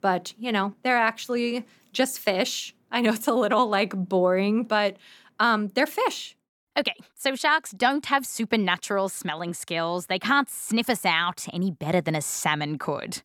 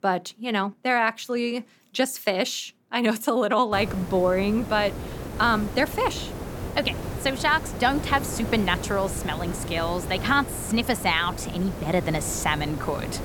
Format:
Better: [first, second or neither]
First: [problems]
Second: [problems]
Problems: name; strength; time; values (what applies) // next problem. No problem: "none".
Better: first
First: none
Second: hiss; loud; from 3.5 s on; 9 dB below the speech